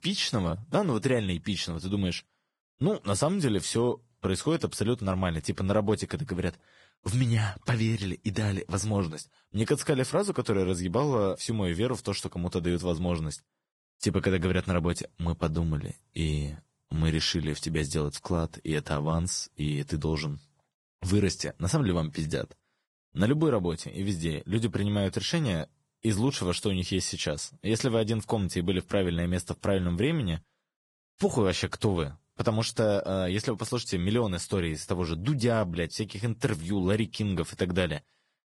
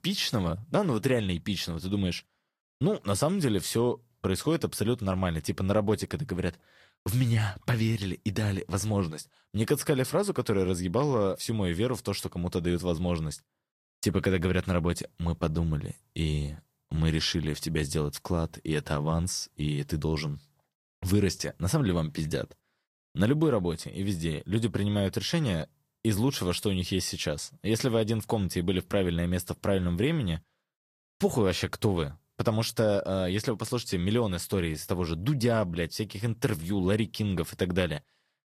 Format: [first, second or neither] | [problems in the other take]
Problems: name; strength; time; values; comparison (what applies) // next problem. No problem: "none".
second | garbled, watery; badly; nothing above 10.5 kHz; slightly in the second